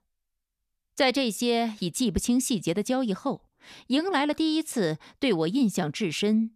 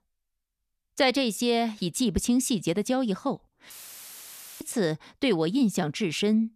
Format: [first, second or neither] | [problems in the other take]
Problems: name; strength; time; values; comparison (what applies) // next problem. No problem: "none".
first | audio cutting out; filled with static; at 3.5 s for 1 s